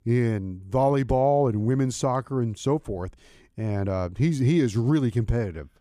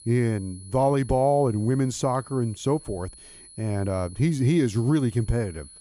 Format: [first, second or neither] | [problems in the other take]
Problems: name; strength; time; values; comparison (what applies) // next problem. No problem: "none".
first | high-pitched whine; faint; throughout; 10 kHz, 20 dB below the speech